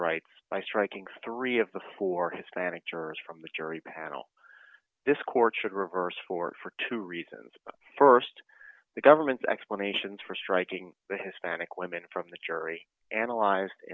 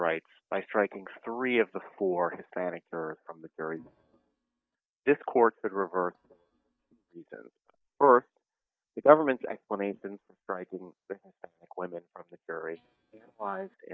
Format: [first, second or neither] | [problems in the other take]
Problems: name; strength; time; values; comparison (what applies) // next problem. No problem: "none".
first | noise reduction (neural mask model DeepFilterNet 3)